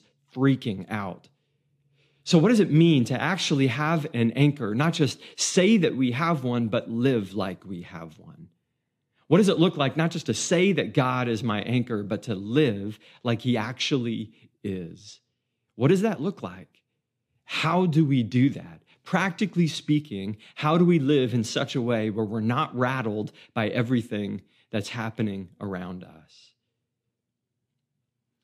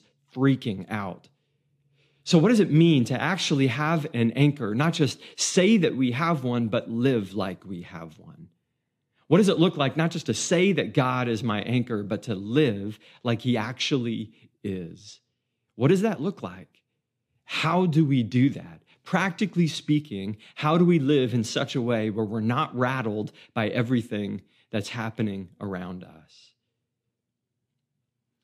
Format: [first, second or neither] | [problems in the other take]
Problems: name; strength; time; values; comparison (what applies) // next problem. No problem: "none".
neither | none